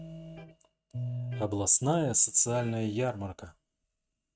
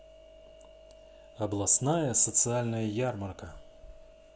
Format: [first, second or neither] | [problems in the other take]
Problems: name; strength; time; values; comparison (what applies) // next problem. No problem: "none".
second | noise reduction (neural mask model RNNoise)